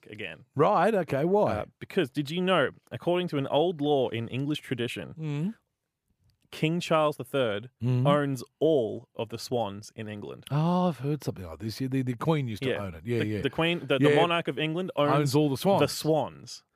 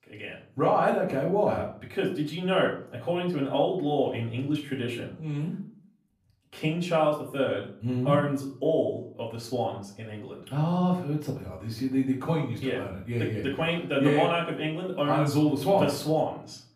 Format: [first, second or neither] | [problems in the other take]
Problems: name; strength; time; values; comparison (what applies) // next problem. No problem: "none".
first | off-mic speech; far // room echo; slight; dies away in 0.4 s